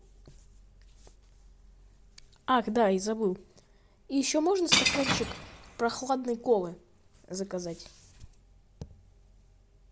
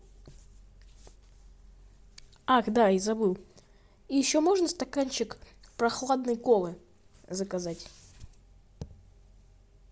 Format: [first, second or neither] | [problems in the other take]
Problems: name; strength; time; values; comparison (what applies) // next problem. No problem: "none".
second | background sound (Shatter / Crushing); as loud as the speech